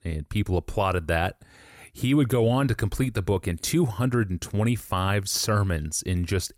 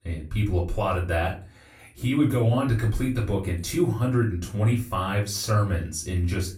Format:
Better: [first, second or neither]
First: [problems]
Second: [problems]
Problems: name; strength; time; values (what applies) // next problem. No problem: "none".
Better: first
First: none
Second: off-mic speech; far // room echo; slight; dies away in 0.3 s